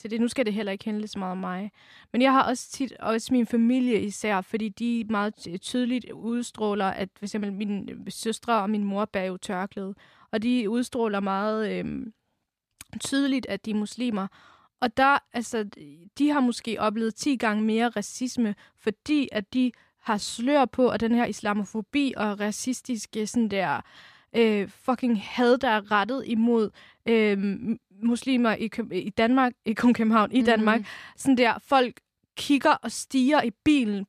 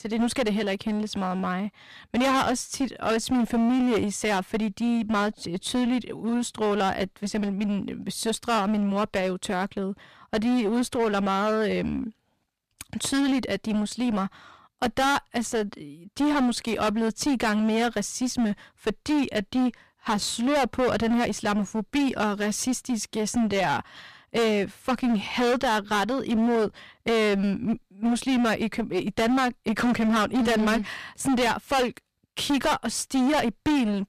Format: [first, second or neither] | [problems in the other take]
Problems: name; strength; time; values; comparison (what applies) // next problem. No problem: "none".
first | distortion; heavy; 20% of the sound clipped